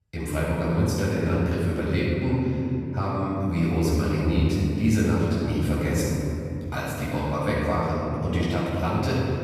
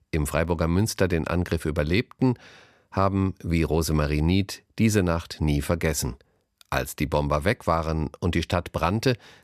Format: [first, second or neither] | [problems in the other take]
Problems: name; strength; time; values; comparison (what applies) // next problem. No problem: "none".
second | off-mic speech; far // room echo; strong; dies away in 3 s